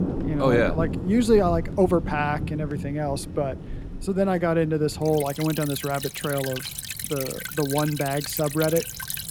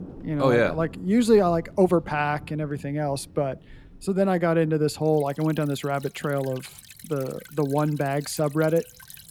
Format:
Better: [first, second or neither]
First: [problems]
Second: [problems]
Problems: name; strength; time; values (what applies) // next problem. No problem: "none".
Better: second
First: rain or running water; loud; throughout; 7 dB below the speech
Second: rain or running water; faint; throughout; 20 dB below the speech